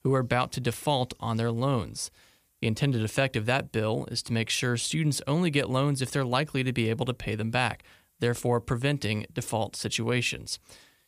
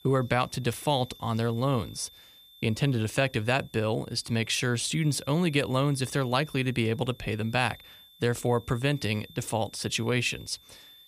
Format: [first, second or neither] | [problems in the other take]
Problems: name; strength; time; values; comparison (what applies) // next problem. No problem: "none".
first | high-pitched whine; faint; throughout; 3.5 kHz, 20 dB below the speech